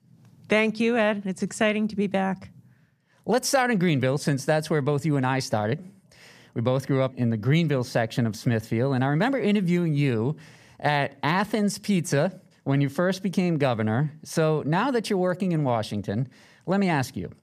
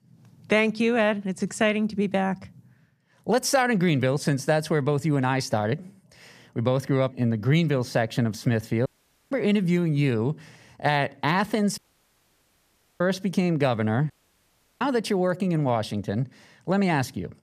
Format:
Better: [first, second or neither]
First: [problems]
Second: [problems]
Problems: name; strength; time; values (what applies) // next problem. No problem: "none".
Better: first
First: none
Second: audio cutting out; at 9 s, at 12 s for 1 s and at 14 s for 0.5 s